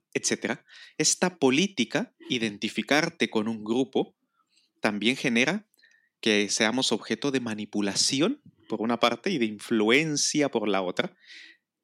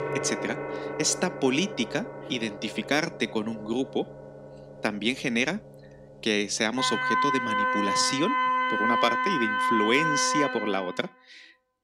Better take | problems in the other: first | background music; very loud; throughout; 1 dB above the speech

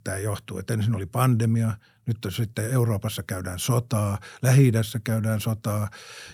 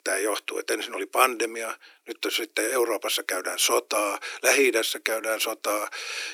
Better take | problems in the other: first | thin; very; fading below 300 Hz

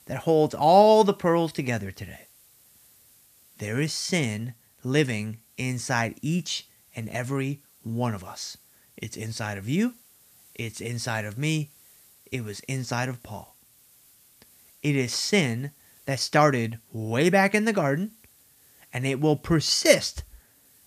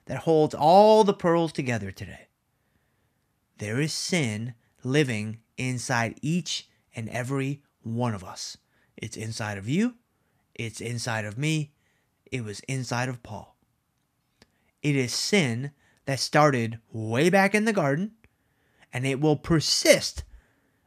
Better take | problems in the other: second | hiss; faint; throughout; 30 dB below the speech

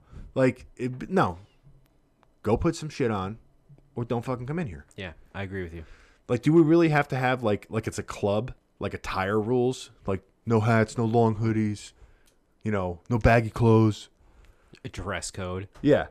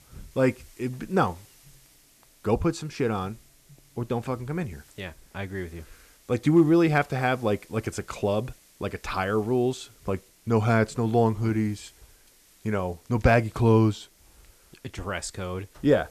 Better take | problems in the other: first | hiss; faint; throughout; 30 dB below the speech

